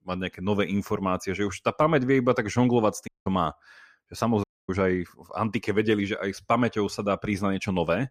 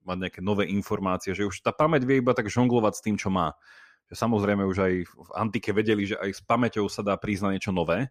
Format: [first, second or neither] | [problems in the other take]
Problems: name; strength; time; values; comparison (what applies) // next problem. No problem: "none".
second | audio cutting out; at 3 s and at 4.5 s